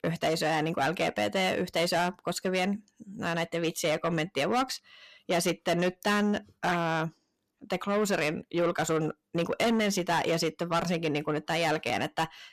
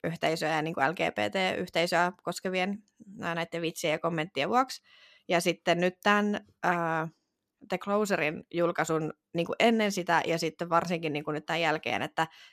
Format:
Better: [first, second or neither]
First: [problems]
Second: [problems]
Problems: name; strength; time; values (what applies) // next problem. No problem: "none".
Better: second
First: distortion; heavy; 7 dB below the speech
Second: none